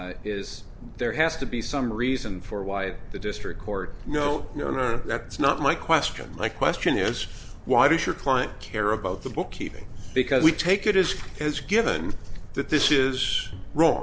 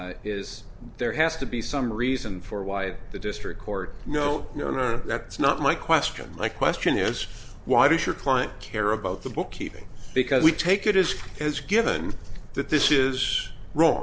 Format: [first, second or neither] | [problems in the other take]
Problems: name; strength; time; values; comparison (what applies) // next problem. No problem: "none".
second | background sound (Thunder + Bowed string instrument); 16 dB below the speech